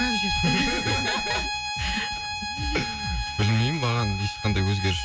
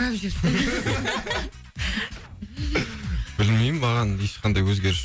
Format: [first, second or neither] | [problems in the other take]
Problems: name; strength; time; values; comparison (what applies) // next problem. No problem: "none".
second | background sound (Bowed string instrument); 4 dB below the speech